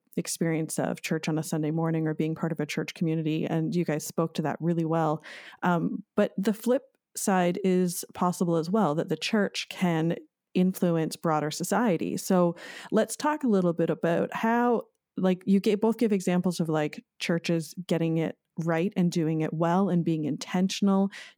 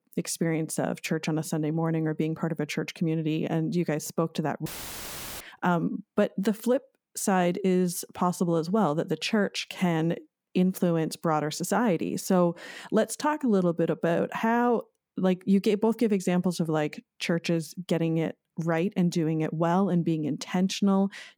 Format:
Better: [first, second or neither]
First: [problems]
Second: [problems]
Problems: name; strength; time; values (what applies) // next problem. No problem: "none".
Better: first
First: none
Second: audio cutting out; filled with static; at 4.5 s for 1 s